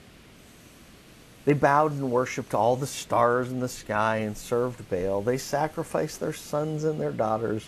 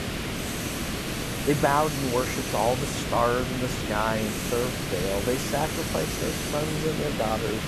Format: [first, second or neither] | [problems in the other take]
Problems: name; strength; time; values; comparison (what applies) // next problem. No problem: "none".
first | hiss; loud; throughout; 2 dB below the speech; faint in the first